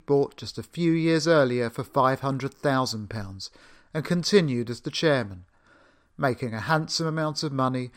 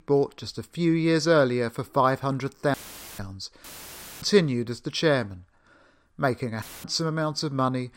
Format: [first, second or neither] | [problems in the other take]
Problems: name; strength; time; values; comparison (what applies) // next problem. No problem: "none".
first | audio cutting out; filled with static; at 2.5 s, at 3.5 s for 0.5 s and at 6.5 s